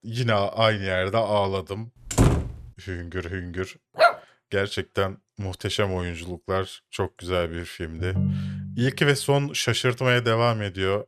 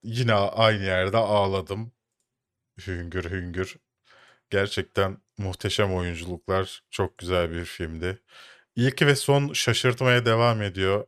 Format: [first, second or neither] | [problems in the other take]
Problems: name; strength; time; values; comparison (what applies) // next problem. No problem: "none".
second | door banging; loud; at 2 s; peak 4 dB above the speech // dog barking; loud; at 4 s; peak 5 dB above the speech // phone ringing; loud; at 8 s; peak level with the speech